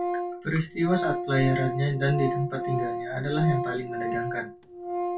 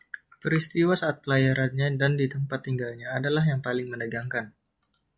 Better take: second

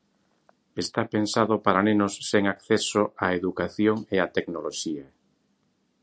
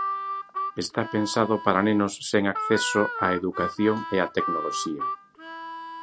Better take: first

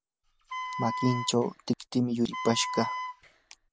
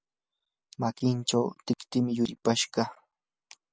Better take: second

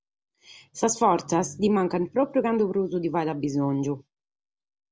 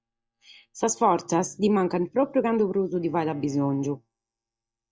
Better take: first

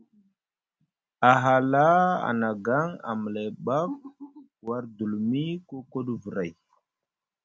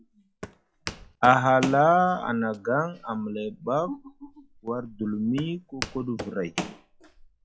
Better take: first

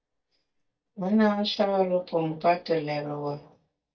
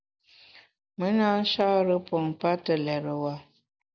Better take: second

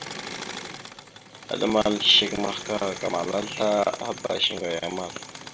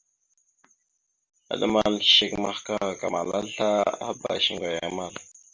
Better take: second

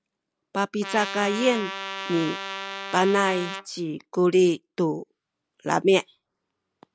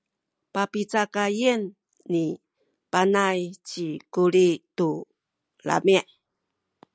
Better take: second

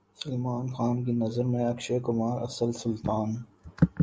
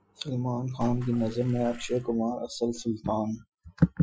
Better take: first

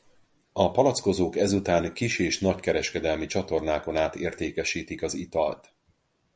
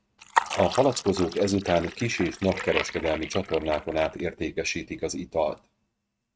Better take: first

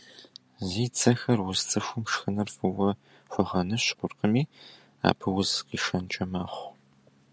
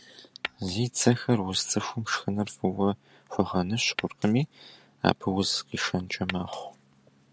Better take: first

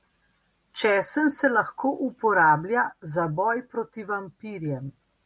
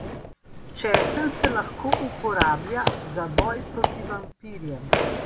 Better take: first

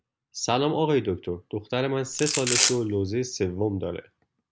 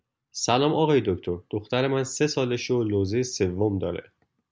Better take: second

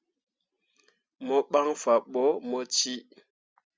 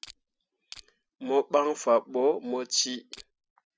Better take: first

